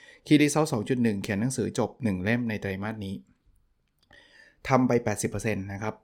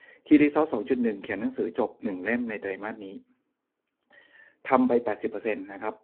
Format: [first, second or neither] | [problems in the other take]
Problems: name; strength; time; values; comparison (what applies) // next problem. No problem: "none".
first | phone-call audio; poor line